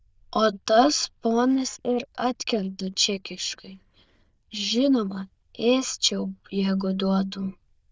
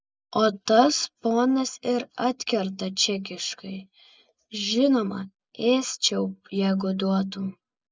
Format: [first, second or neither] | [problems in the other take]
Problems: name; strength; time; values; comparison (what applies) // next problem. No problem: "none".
second | noise reduction (neural diffusion model UNIVERSE++)